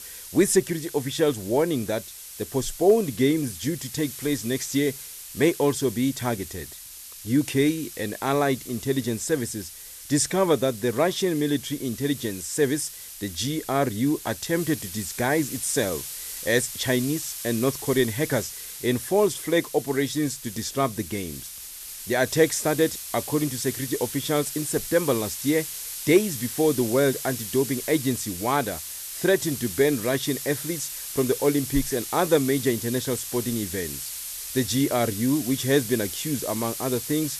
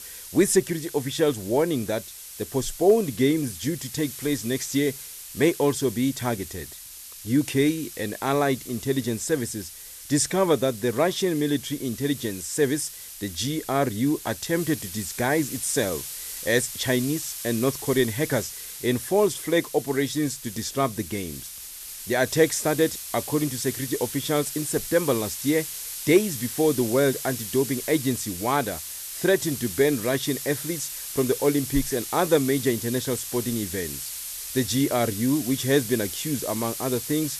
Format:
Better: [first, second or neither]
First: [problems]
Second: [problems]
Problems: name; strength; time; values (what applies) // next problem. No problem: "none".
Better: neither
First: hiss; loud; throughout; 9 dB below the speech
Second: hiss; loud; throughout; 9 dB below the speech